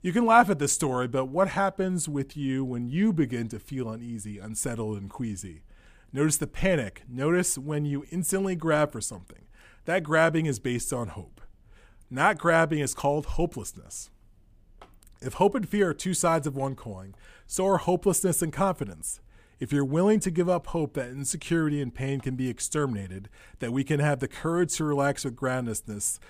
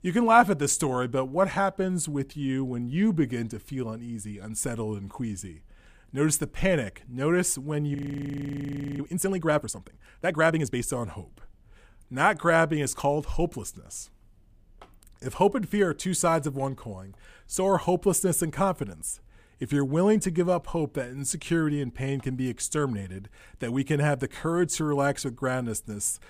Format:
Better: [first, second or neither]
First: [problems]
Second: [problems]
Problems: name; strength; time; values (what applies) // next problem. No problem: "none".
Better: first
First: none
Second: audio freezing; at 8 s for 1 s